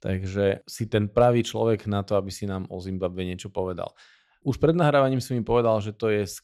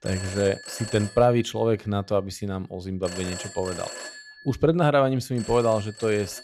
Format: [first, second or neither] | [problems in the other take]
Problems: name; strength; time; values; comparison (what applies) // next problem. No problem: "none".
first | alarms or sirens; noticeable; throughout; 15 dB below the speech